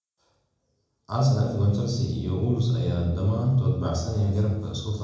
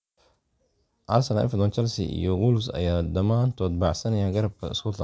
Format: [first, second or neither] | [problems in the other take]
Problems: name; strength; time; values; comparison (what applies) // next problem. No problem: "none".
second | room echo; dies away in 0.9 s